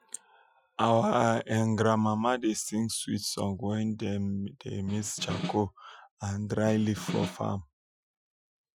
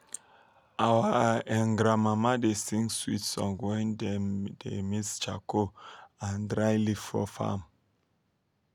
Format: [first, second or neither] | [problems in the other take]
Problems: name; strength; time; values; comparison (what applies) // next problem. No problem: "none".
second | noise reduction (classical method Wiener filter)